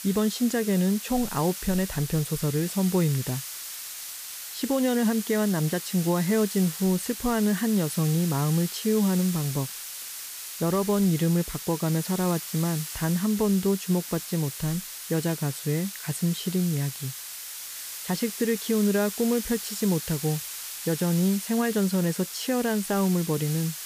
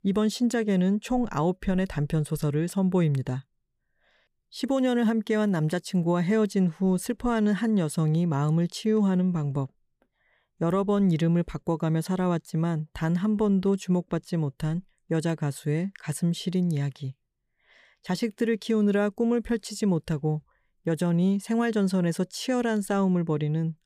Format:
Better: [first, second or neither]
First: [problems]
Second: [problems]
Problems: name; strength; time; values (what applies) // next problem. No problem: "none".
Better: second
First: hiss; loud; throughout; 8 dB below the speech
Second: none